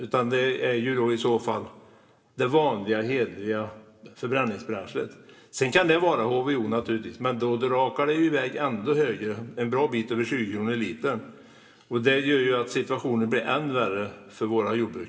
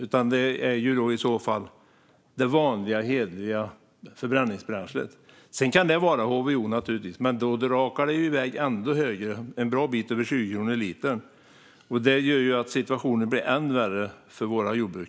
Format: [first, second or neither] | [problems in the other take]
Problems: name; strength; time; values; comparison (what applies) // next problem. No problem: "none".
second | room echo; dies away in 0.9 s